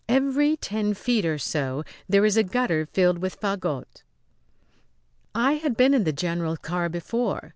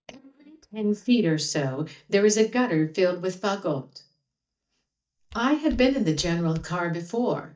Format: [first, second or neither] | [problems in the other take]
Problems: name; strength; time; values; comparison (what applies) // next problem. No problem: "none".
first | noise reduction (neural mask model DeepFilterNet 3)